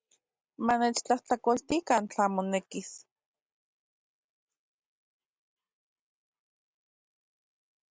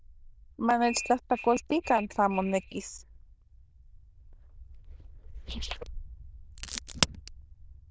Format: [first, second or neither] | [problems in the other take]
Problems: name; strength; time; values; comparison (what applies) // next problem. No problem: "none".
first | noise reduction (neural diffusion model UNIVERSE++)